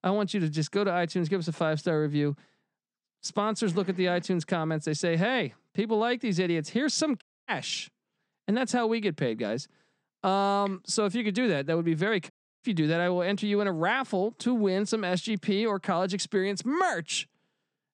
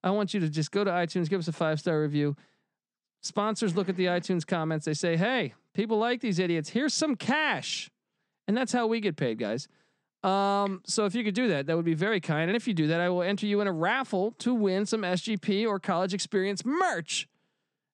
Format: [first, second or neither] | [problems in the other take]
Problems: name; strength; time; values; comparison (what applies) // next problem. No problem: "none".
second | audio cutting out; at 7 s and at 12 s